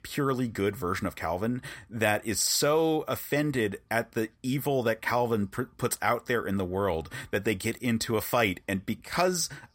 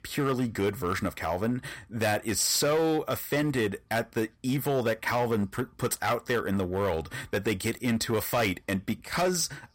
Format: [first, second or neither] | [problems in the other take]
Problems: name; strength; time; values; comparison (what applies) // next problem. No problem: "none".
first | distortion; slight; 8% of the sound clipped